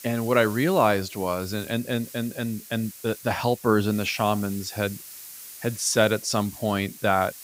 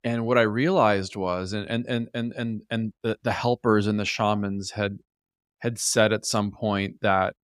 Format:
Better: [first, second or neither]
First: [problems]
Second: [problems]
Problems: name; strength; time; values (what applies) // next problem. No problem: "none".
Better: second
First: hiss; noticeable; throughout; 15 dB below the speech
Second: none